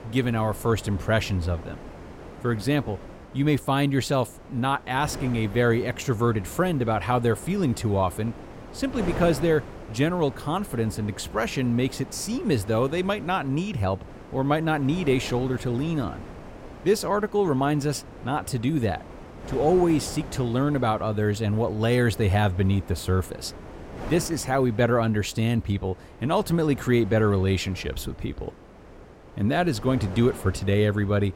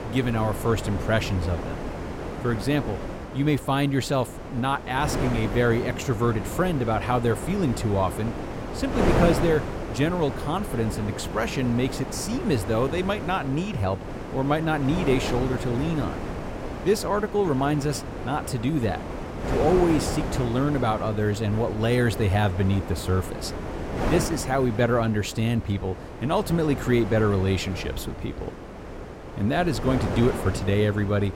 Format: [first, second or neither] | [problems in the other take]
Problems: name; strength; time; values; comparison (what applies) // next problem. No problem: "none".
first | wind noise on the microphone; heavy; 7 dB below the speech; occasional gusts in the first